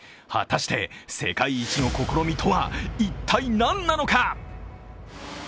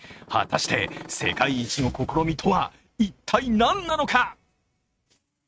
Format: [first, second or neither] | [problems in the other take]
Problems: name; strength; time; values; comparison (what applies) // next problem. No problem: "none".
first | noise reduction (neural mask model RNNoise)